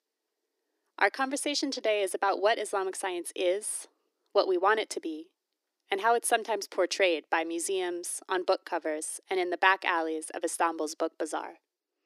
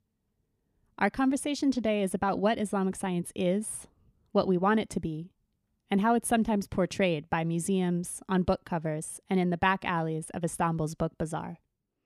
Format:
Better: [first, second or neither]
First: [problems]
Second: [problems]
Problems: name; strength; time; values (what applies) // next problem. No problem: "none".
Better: second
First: thin; very; fading below 300 Hz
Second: none